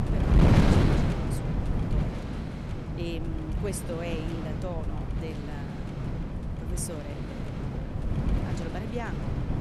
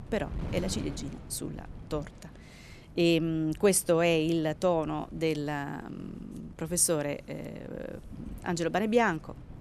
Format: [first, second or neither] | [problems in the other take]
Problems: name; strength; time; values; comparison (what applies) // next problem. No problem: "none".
second | wind noise on the microphone; heavy; 5 dB above the speech; occasional gusts in the second